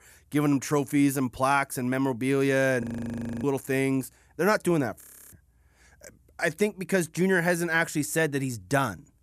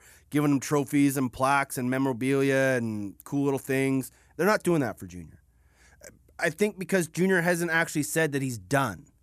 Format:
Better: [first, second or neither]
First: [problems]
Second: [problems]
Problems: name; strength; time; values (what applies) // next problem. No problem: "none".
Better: second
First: audio freezing; at 3 s for 0.5 s and at 5 s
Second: none